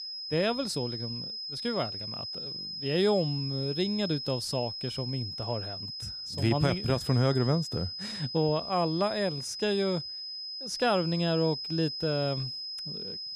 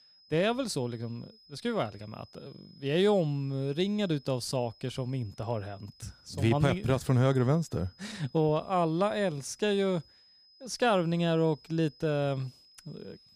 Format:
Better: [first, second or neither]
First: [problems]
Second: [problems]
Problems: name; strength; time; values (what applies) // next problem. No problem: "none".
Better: second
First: high-pitched whine; loud; throughout; 5 kHz, 5 dB below the speech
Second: high-pitched whine; faint; throughout; 5 kHz, 25 dB below the speech